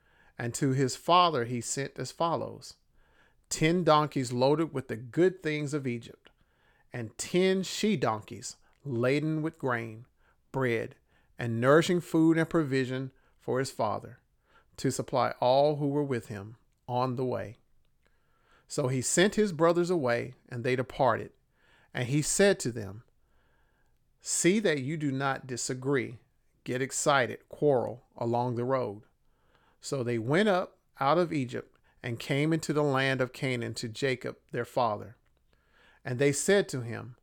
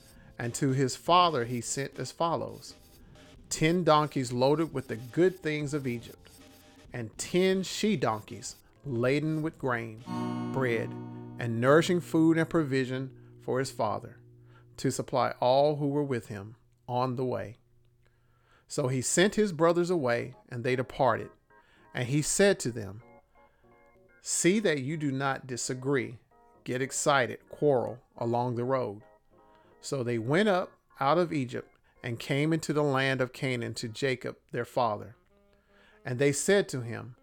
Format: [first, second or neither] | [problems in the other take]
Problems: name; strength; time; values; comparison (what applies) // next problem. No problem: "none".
first | background music; noticeable; throughout; 20 dB below the speech